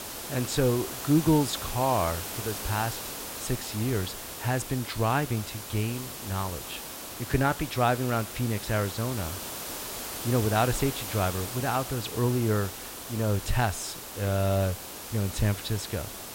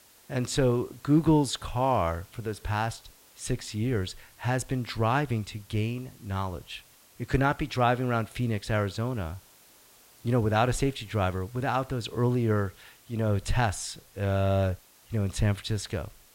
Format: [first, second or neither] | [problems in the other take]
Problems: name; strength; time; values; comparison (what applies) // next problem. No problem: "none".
second | hiss; loud; throughout; 7 dB below the speech; faint in the second